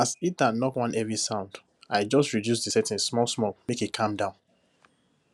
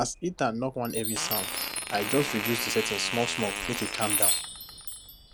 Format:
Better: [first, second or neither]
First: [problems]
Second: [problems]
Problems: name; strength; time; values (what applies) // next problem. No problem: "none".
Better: first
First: none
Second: background sound (Fart + Chime); 1 dB below the speech